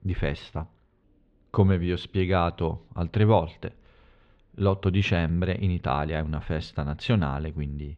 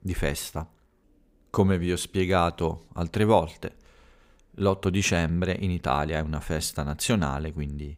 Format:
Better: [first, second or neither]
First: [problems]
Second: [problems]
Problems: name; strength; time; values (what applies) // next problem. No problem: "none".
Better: second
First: muffled; slightly; fading above 3.5 kHz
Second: none